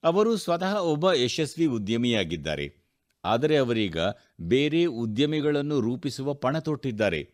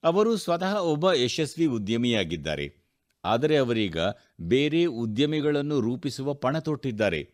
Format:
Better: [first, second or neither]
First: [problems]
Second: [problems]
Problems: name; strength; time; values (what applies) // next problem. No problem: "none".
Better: neither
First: none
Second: none